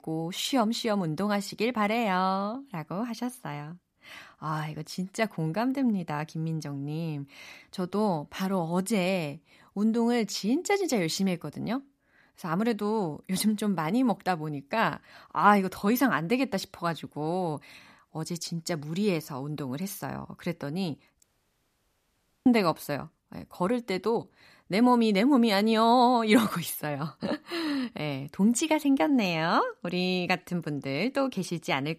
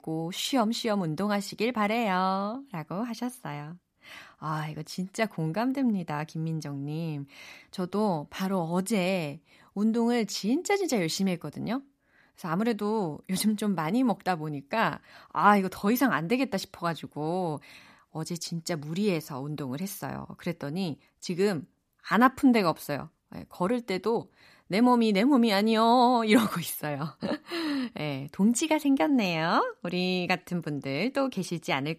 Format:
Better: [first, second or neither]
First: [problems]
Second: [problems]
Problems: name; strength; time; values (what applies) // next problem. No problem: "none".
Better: second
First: audio cutting out; at 21 s for 1 s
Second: none